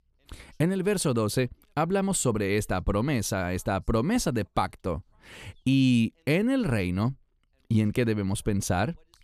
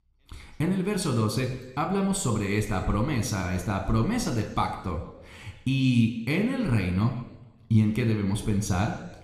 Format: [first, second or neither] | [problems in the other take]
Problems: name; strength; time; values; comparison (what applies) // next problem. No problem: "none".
first | room echo; slight; dies away in 1 s